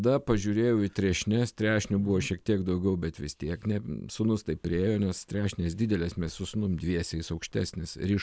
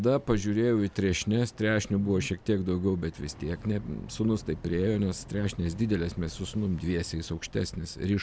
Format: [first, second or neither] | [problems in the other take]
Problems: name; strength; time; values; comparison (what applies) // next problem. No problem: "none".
first | background sound (Boat, Water vehicle); 19 dB below the speech